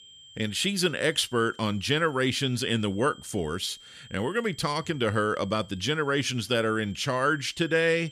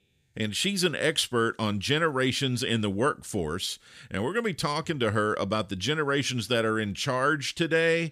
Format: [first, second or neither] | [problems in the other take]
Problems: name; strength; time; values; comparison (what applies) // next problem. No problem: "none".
second | high-pitched whine; faint; throughout; 3 kHz, 25 dB below the speech